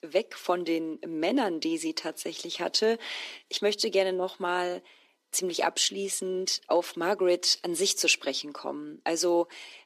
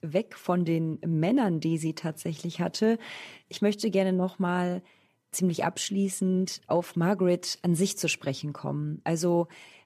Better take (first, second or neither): second